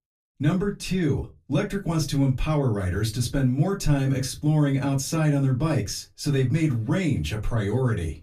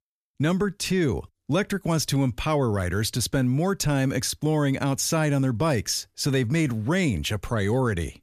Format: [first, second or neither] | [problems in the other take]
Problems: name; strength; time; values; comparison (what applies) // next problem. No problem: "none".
second | off-mic speech; far // room echo; very slight; dies away in 0.2 s